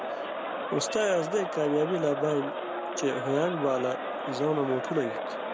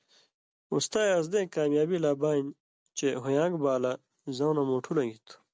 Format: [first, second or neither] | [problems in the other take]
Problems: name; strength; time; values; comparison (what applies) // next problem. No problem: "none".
second | background sound (Crowd); 4 dB below the speech